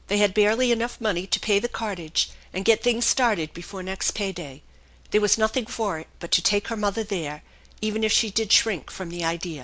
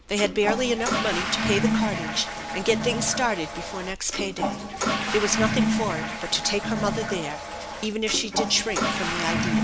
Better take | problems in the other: first | background sound (Toilet flush / Water); as loud as the speech

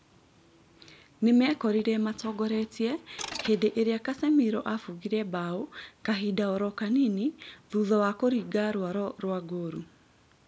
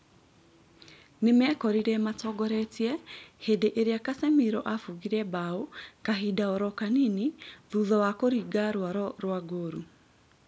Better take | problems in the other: second | background sound (Mechanisms); 14 dB below the speech

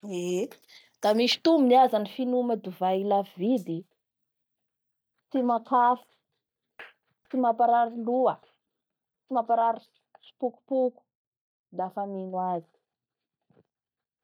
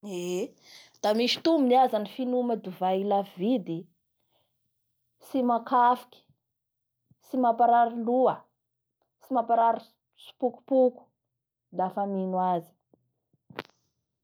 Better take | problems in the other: second | noise reduction (neural mask model DeepFilterNet 3)

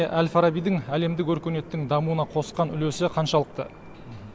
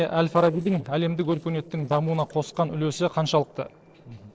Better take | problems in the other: first | noise reduction (neural separator model SepFormer DNS4)

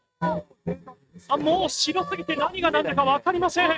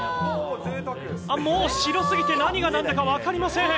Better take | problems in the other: second | noise reduction (neural mask model RNNoise)

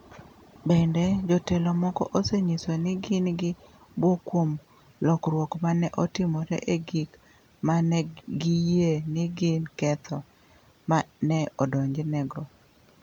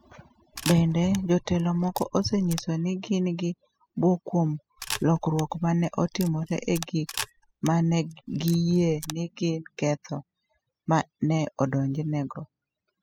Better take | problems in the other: first | noise reduction (classical method spectral subtraction)

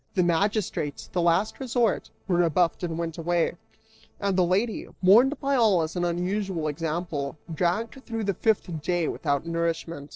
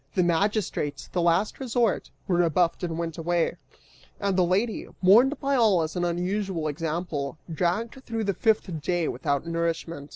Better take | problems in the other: second | noise reduction (neural separator model SepFormer DNS4)

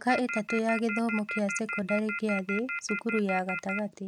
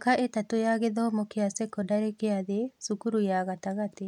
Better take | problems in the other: second | background sound (Telephone); 6 dB below the speech

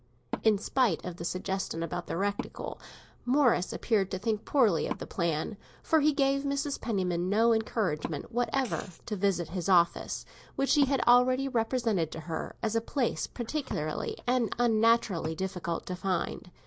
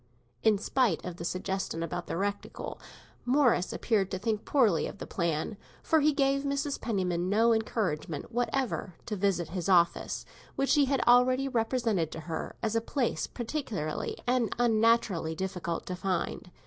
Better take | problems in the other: second | background sound (Wood + Liquid); 18 dB below the speech

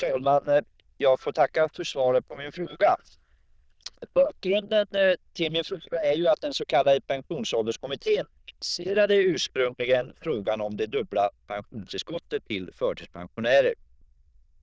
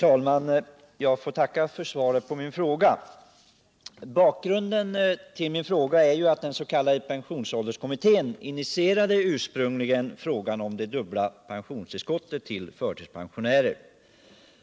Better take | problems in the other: second | noise reduction (neural diffusion model UNIVERSE++)

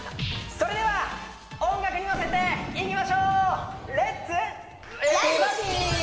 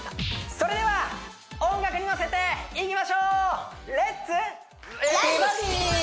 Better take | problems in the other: second | background sound (Boom); 14 dB below the speech // room echo; dies away in 3 s

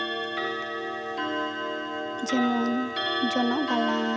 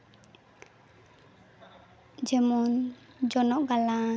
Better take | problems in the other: second | background sound (Clock); 1 dB above the speech

